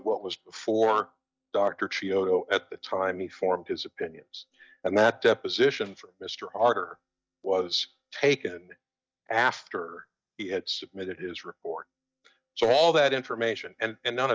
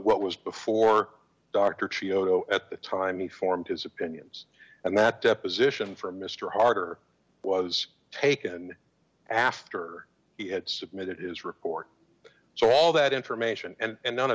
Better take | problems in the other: second | noise reduction (neural mask model DeepFilterNet 3)

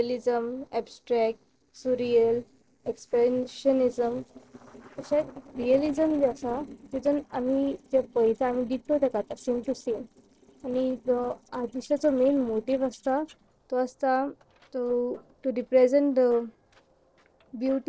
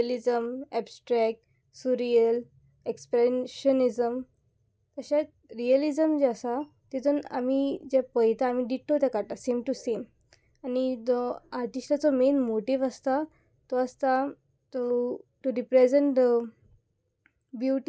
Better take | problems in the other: second | noise reduction (neural separator model SepFormer DNS4)

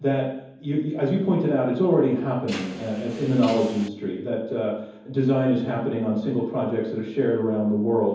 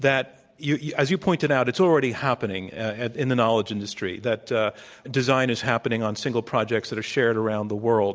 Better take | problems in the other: second | background sound (Mechanisms); 20 dB below the speech // room echo; dies away in 0.9 s

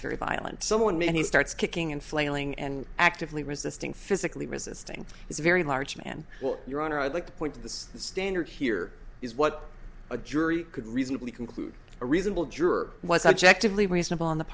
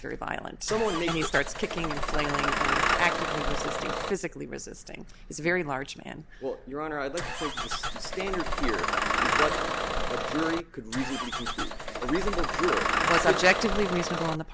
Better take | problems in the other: first | background sound (Engine starting / Bus); 2 dB above the speech

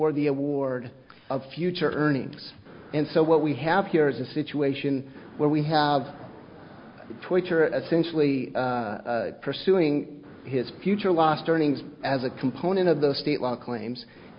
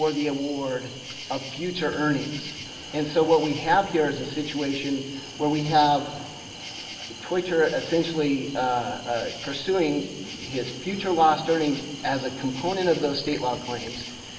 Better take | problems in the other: first | background sound (Cricket); 13 dB below the speech // room echo; dies away in 2.1 s

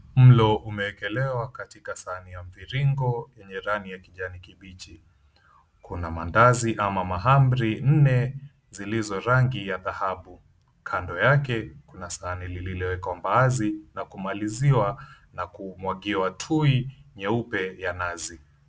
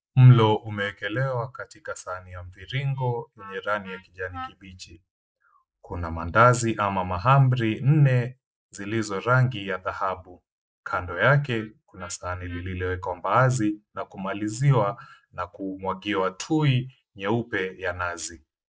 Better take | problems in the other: first | noise reduction (neural mask model Resemble Enhance denoiser)

